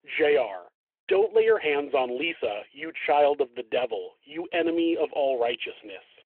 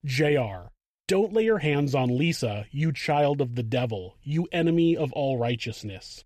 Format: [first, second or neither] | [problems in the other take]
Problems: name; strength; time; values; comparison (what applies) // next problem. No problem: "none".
second | phone-call audio